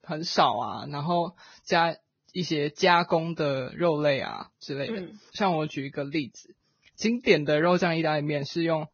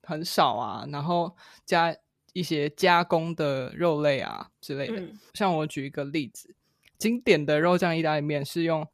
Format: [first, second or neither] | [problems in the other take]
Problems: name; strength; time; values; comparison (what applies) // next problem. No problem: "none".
second | garbled, watery; badly; nothing above 6.5 kHz